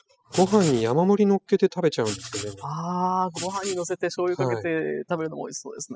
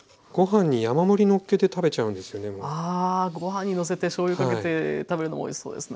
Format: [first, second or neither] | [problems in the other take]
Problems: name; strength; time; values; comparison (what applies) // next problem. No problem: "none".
second | noise reduction (classical method spectral subtraction)